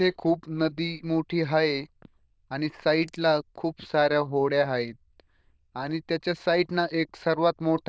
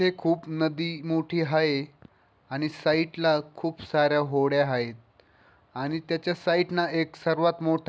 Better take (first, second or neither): second